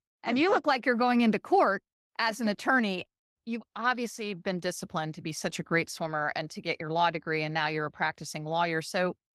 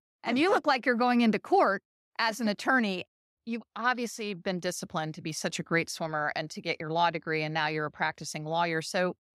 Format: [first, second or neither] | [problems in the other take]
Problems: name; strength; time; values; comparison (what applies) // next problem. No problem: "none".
second | garbled, watery; slightly; nothing above 13.5 kHz